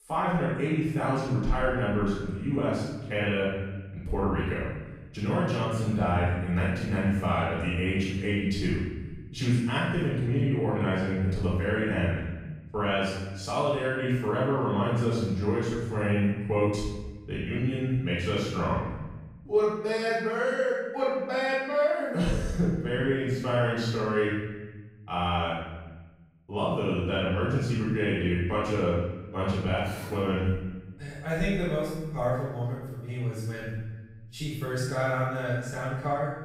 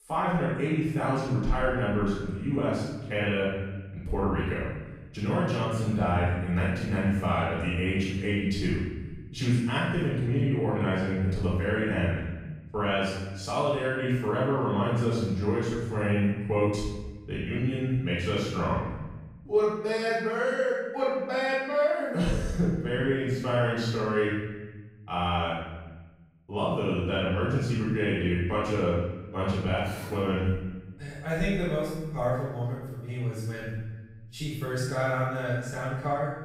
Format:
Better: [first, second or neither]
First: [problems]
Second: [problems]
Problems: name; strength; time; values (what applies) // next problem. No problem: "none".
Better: neither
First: off-mic speech; far // room echo; strong; dies away in 1.2 s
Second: off-mic speech; far // room echo; strong; dies away in 1.2 s